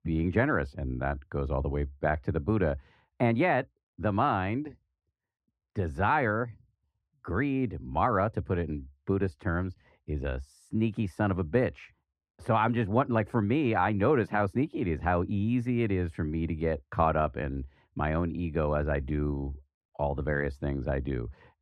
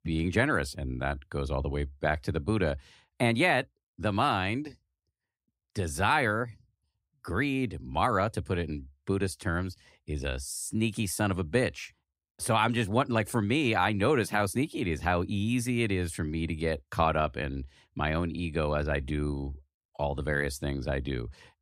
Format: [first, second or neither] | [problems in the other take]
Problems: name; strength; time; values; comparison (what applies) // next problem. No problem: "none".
second | muffled; very; fading above 3.5 kHz